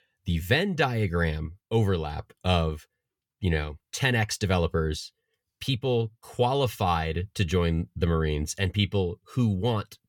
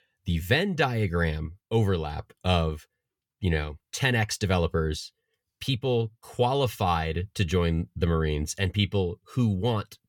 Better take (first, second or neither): neither